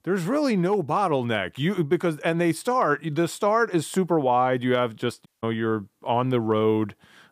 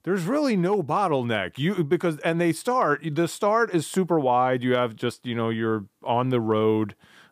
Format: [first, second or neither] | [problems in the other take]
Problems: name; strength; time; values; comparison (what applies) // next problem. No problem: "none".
second | audio cutting out; at 5.5 s